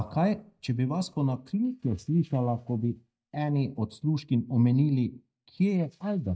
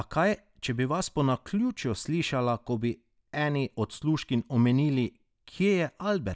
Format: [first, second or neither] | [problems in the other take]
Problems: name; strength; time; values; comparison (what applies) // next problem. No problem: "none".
second | noise reduction (neural mask model DeepFilterNet 3)